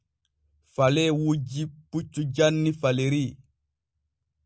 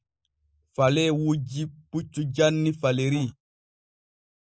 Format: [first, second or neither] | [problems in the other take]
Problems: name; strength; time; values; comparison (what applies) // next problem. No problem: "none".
first | noise reduction (neural mask model Resemble Enhance denoiser)